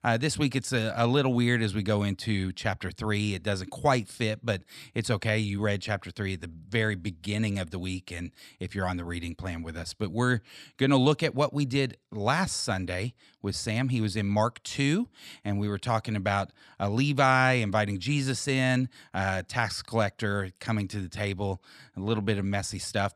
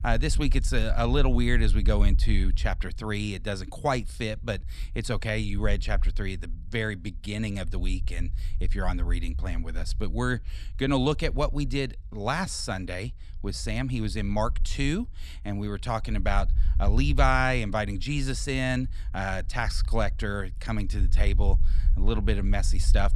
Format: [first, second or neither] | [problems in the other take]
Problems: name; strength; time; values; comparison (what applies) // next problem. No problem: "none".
first | low rumble; faint; throughout; 20 dB below the speech